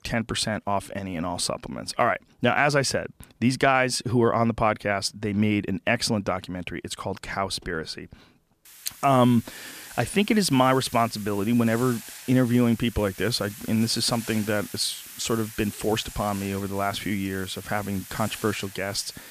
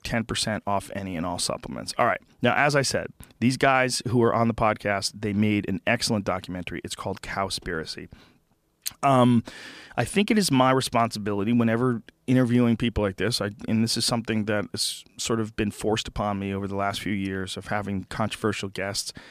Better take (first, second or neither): second